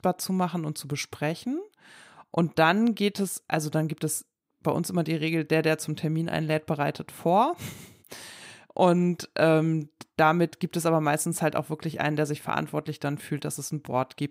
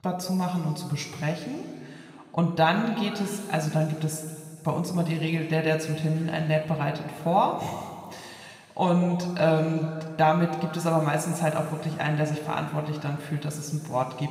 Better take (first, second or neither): first